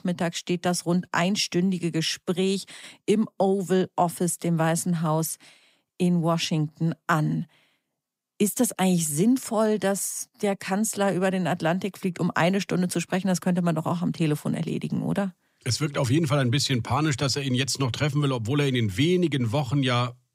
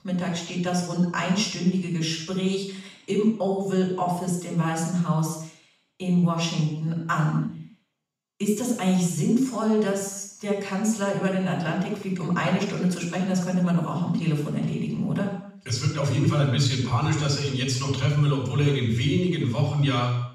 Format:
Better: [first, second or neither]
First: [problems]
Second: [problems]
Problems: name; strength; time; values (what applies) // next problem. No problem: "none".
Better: first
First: none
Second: room echo; noticeable; dies away in 0.6 s // off-mic speech; far